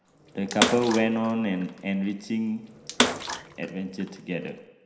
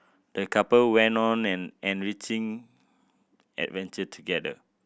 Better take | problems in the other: second | background sound (Bathtub (filling or washing) / Water / Splash, splatter); 3 dB below the speech // room echo; dies away in 0.9 s

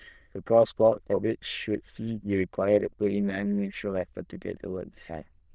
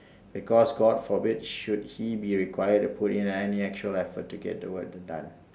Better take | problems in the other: second | noise reduction (neural diffusion model UNIVERSE++)

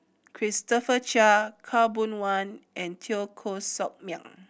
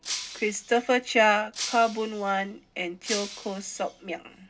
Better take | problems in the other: first | background sound (Shatter); 12 dB below the speech // room echo; dies away in 0.2 s

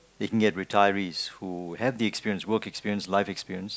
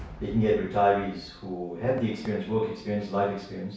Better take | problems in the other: first | background sound (Cheering / Fireworks); 19 dB below the speech // room echo; dies away in 0.6 s

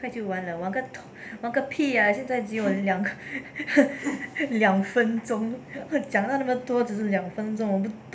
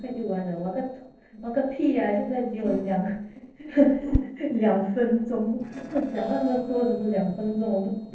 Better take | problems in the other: first | noise reduction (neural separator model SepFormer DNS4)

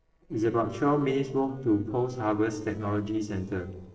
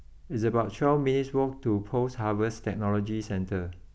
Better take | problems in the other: second | noise reduction (neural separator model SepFormer DNS4)

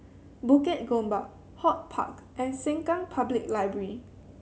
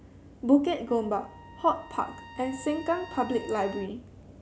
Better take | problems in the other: first | background sound (Trumpet); 18 dB below the speech

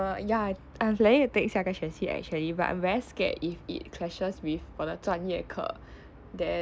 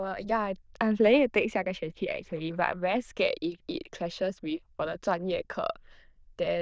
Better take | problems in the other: first | noise reduction (neural diffusion model UNIVERSE++)

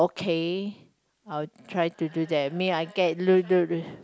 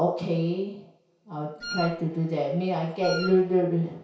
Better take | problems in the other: first | background sound (Wind instrument, woodwind instrument); 10 dB below the speech // room echo; dies away in 0.6 s

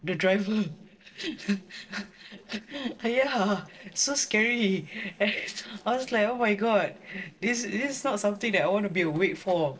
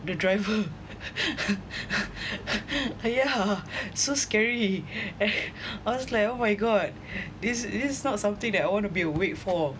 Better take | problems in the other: second | noise reduction (neural separator model SepFormer DNS4)

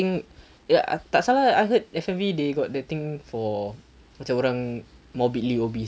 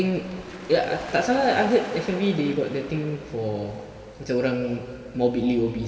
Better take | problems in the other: first | background sound (Waves, surf); 17 dB below the speech // room echo; dies away in 2.4 s

